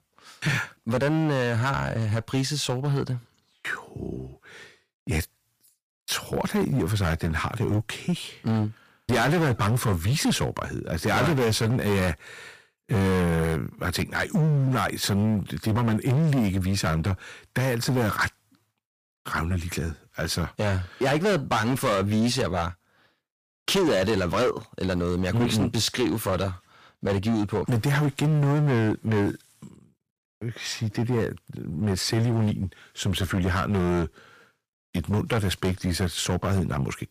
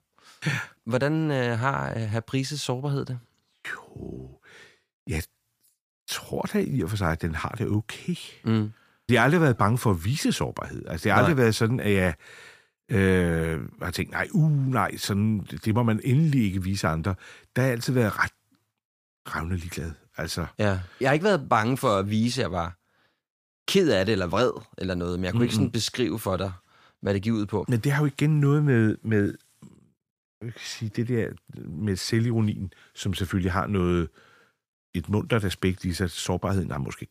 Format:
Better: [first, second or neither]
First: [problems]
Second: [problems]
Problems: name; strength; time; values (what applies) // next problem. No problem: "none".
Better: second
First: distortion; heavy; 13% of the sound clipped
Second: none